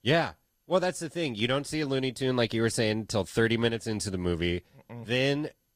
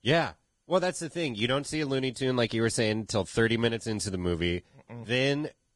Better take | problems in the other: first | garbled, watery; badly; nothing above 10 kHz; slightly in the first

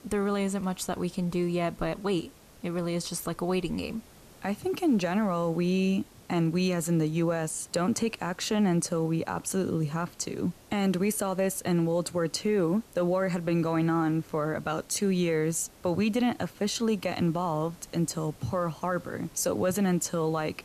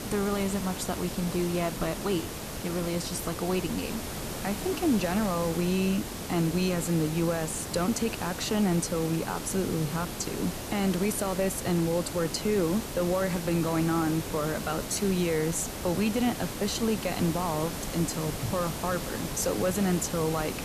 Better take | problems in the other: first | hiss; loud; throughout; 6 dB below the speech; faint in the first

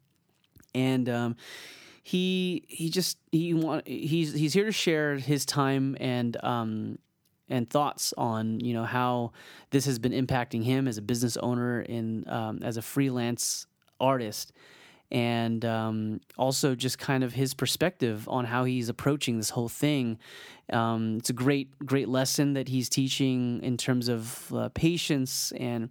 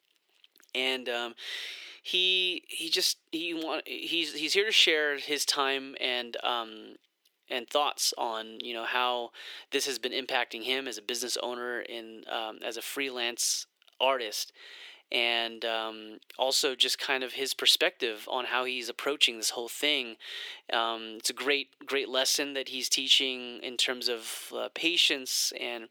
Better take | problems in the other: first | thin; very; fading below 400 Hz

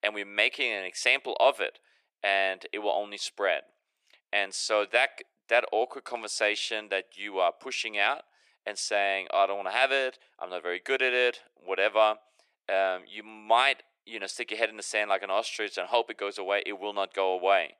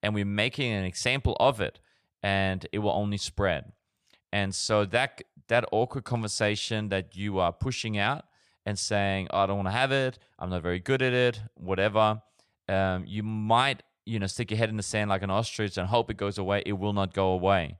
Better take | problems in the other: second | thin; very; fading below 350 Hz

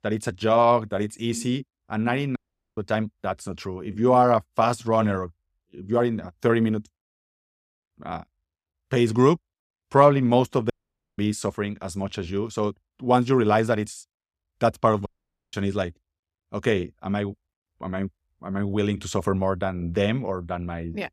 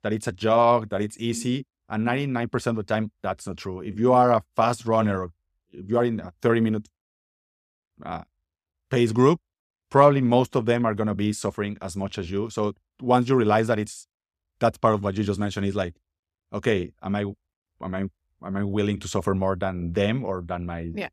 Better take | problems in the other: second | audio cutting out; at 2.5 s, at 11 s and at 15 s

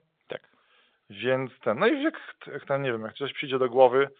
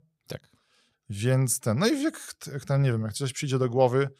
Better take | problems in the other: second | phone-call audio; nothing above 3.5 kHz

